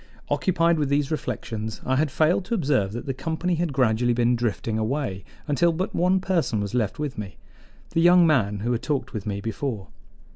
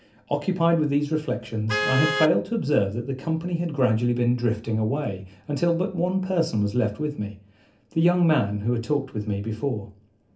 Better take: first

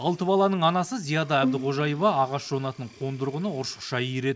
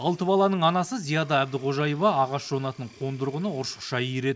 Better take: second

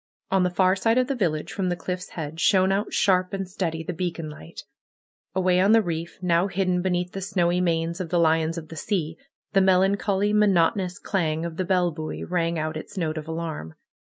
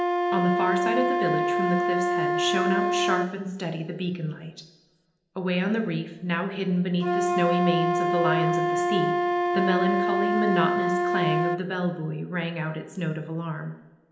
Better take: first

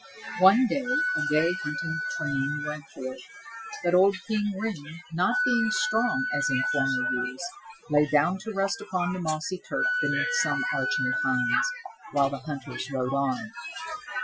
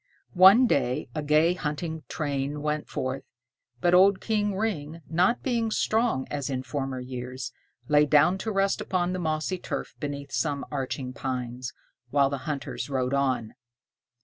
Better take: second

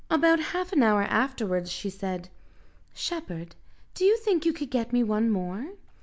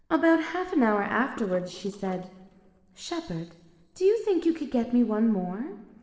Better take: first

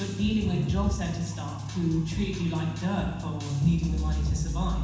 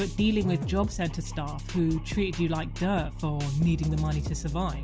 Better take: second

